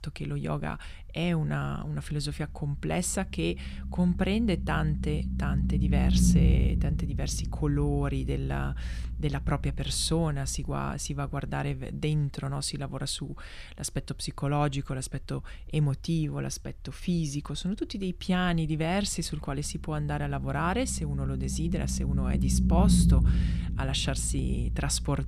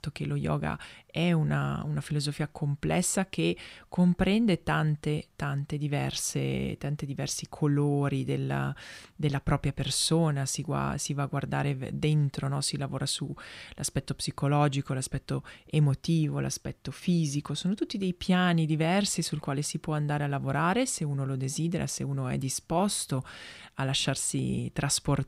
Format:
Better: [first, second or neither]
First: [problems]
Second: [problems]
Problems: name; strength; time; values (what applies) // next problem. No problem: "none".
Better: second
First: low rumble; loud; throughout; 7 dB below the speech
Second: none